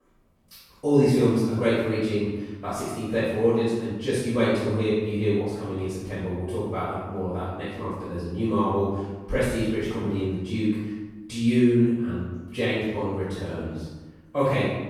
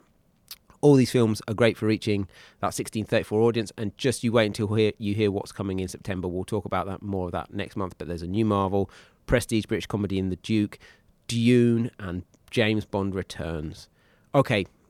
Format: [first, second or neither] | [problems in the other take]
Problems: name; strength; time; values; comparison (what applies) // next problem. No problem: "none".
second | off-mic speech; far // room echo; strong; dies away in 1 s